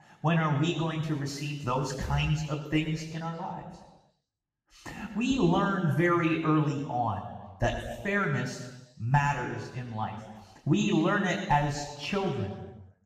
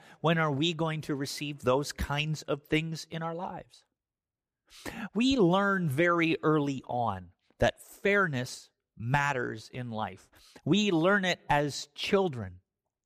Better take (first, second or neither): second